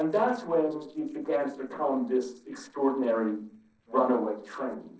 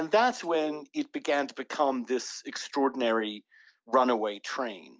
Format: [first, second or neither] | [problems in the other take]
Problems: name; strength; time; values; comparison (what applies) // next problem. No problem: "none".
second | noise reduction (neural separator model SepFormer DNS4)